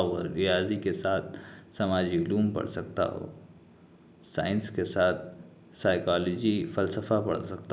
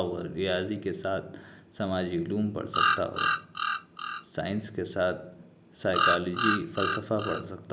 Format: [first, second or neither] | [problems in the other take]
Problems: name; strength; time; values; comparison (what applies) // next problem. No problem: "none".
first | background sound (Bird vocalization, bird call, bird song); 2 dB above the speech